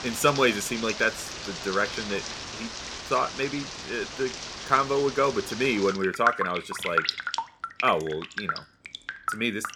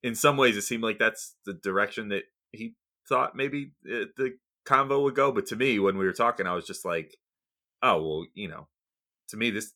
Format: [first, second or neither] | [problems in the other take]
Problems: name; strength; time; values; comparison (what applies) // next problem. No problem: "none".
second | rain or running water; loud; throughout; 6 dB below the speech